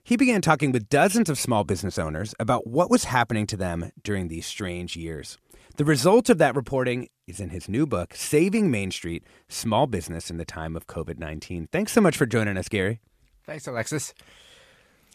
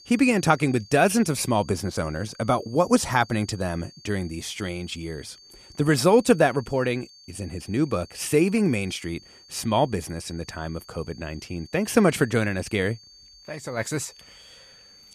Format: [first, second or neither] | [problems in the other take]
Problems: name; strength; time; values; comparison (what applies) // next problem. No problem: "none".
first | high-pitched whine; faint; throughout; 4.5 kHz, 25 dB below the speech